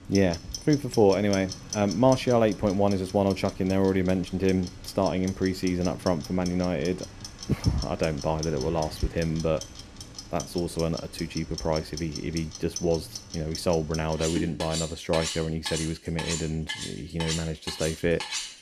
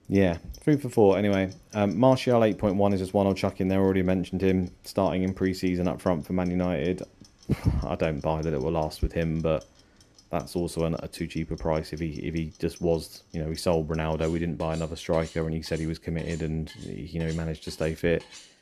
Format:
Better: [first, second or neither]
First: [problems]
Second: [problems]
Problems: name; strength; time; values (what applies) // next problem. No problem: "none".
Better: second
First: household noises; loud; throughout; 10 dB below the speech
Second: household noises; faint; throughout; 25 dB below the speech